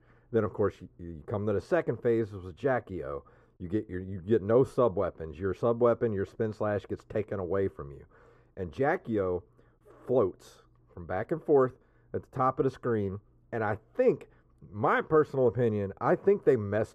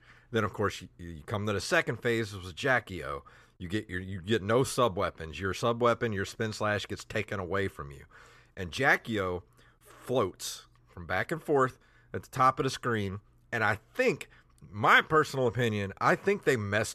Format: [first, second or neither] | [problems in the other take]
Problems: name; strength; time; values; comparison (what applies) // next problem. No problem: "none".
second | muffled; very; fading above 1.5 kHz